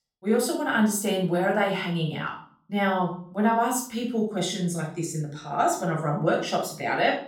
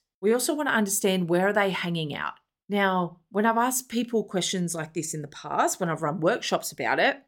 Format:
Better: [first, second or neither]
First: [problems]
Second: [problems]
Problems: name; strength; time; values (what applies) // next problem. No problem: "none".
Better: second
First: off-mic speech; far // room echo; noticeable; dies away in 0.4 s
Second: none